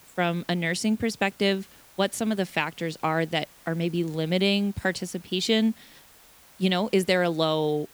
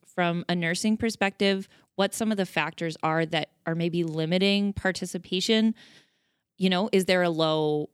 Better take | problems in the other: second | hiss; faint; throughout; 25 dB below the speech

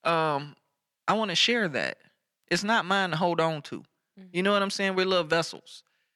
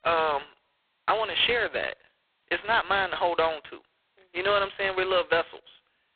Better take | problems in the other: first | phone-call audio; poor line

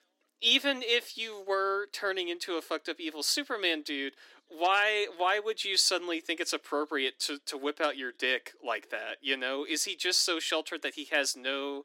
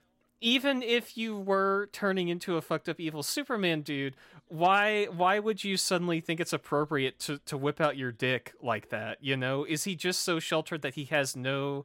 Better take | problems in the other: second | thin; very slightly; fading below 300 Hz

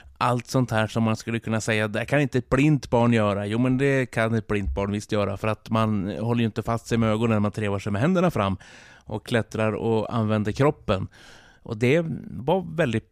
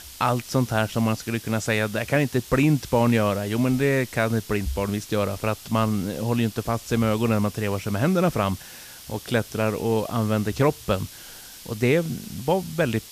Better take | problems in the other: first | hiss; noticeable; throughout; 15 dB below the speech

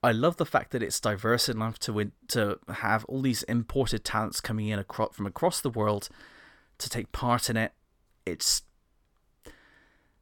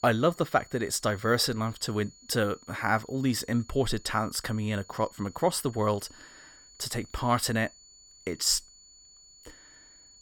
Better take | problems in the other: first | high-pitched whine; faint; throughout; 7 kHz, 25 dB below the speech

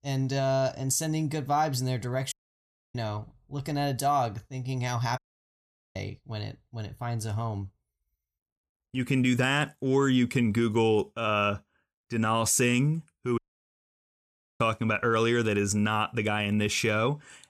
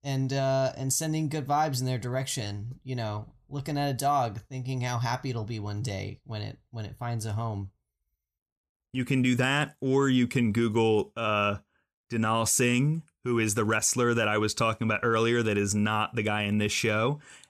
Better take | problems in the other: second | audio cutting out; at 2.5 s for 0.5 s, at 5 s for 1 s and at 13 s for 1 s

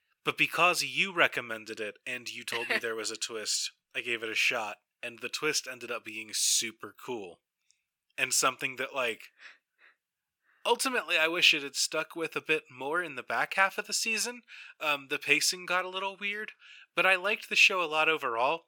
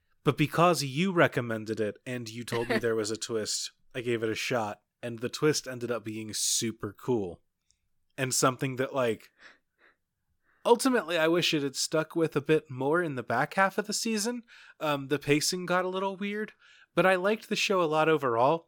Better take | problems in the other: second | thin; somewhat; fading below 1 kHz

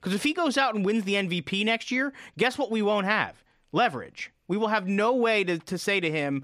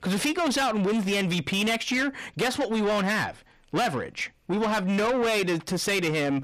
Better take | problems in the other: first | distortion; heavy; 7 dB below the speech

